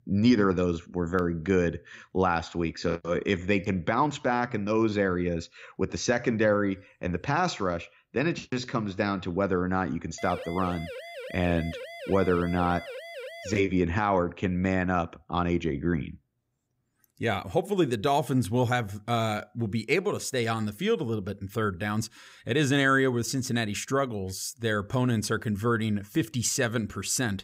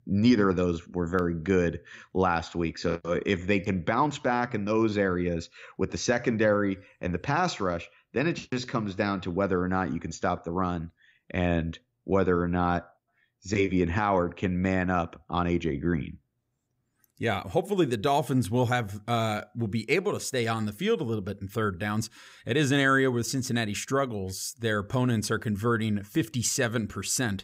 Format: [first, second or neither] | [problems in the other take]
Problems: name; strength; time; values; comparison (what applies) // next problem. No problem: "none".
second | siren; faint; from 10 to 14 s; peak 10 dB below the speech